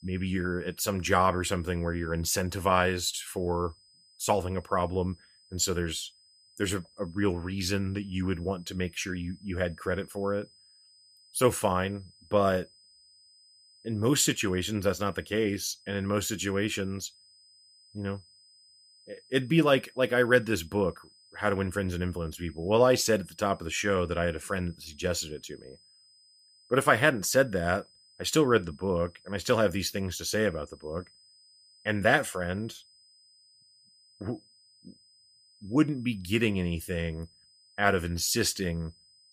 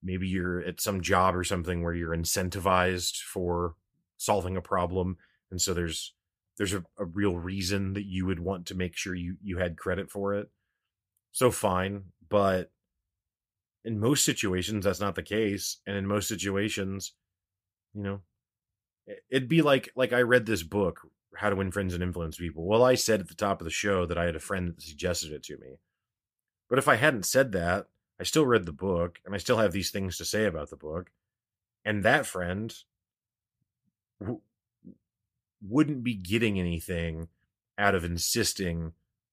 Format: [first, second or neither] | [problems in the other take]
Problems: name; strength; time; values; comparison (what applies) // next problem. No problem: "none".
second | high-pitched whine; faint; throughout; 5 kHz, 30 dB below the speech